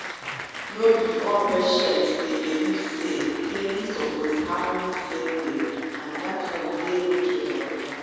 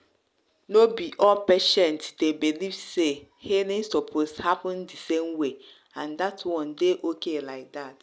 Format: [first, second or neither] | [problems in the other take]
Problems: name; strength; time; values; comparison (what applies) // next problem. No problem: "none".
second | background sound (Applause); 10 dB below the speech // room echo; dies away in 2.1 s